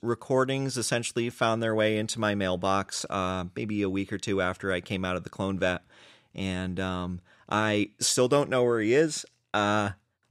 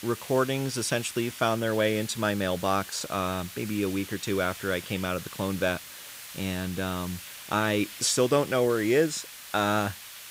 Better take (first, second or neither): first